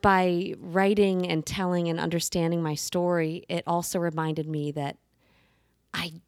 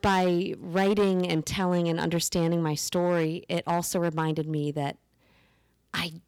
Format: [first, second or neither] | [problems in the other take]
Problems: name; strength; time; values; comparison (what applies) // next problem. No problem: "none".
first | distortion; slight; 5% of the sound clipped